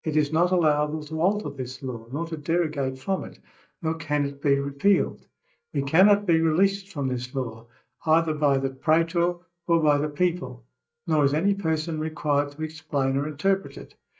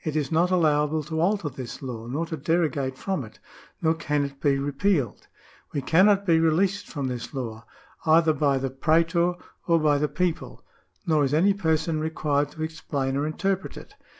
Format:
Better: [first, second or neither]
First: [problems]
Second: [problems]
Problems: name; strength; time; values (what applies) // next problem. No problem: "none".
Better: second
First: noise reduction (neural mask model DeepFilterNet 3)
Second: none